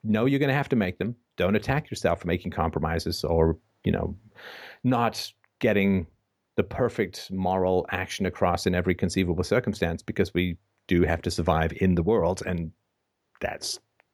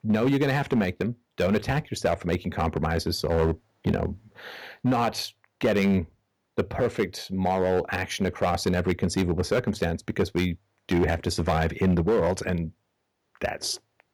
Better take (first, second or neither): first